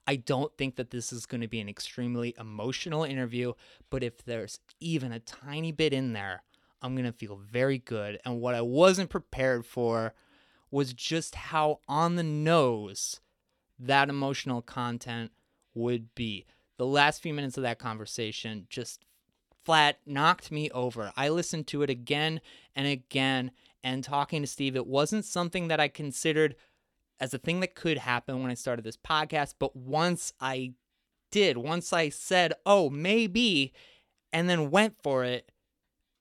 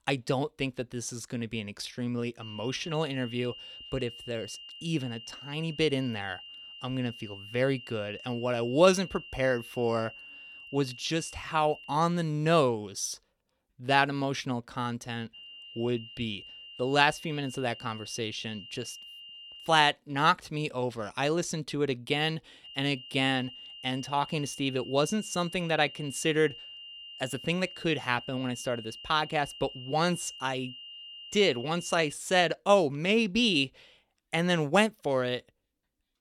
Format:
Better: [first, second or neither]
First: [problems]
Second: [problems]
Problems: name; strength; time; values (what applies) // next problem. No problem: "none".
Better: first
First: none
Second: high-pitched whine; noticeable; from 2.5 to 12 s, from 15 to 20 s and from 23 to 32 s; 3 kHz, 15 dB below the speech